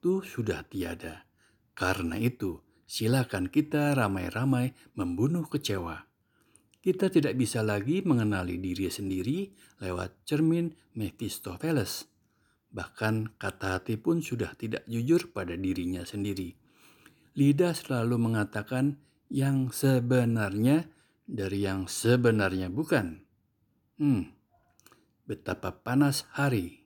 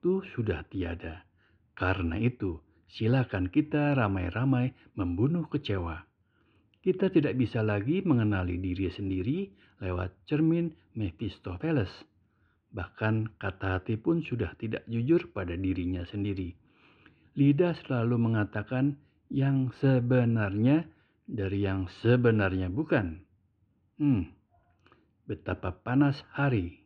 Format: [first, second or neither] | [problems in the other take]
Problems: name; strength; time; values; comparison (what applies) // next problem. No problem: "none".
first | muffled; slightly; fading above 3 kHz